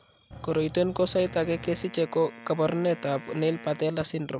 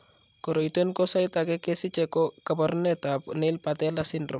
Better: second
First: background sound (Engine / Truck / Car + Wind instrument, woodwind instrument); 17 dB below the speech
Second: none

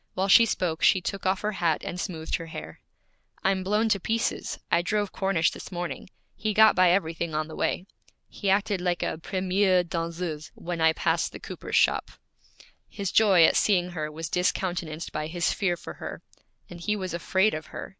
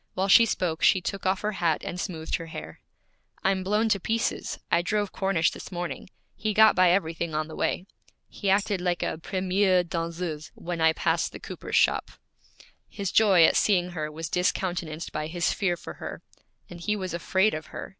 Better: first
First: none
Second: background sound (Tambourine); 19 dB below the speech

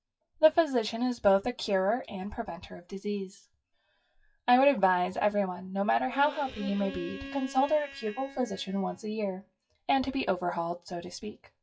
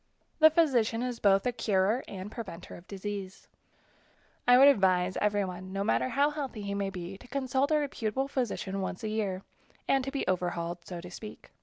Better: second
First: noise reduction (classical method WPE with log-MMSE)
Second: none

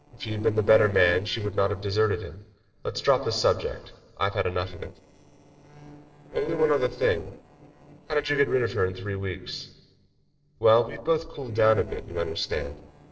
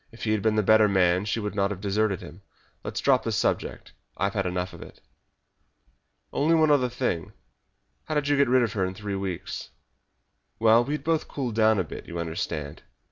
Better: second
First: noise reduction (neural separator model SepFormer DNS4)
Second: none

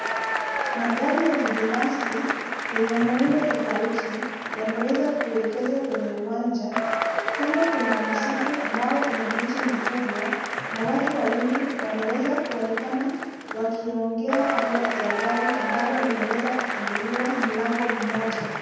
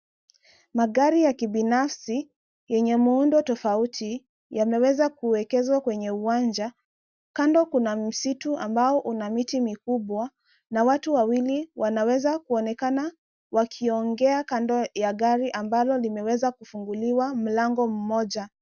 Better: second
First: background sound (Applause / Crowd / Cheering); 3 dB below the speech // room echo; dies away in 1.2 s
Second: none

